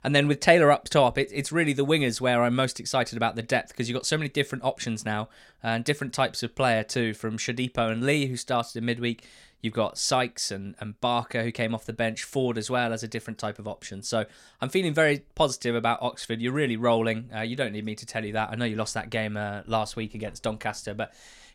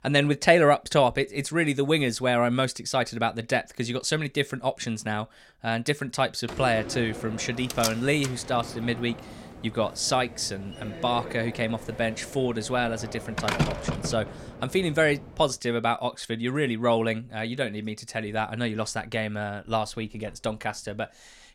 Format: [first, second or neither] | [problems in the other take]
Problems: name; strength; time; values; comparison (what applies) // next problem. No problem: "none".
first | door banging; loud; from 6.5 to 14 s; peak level with the speech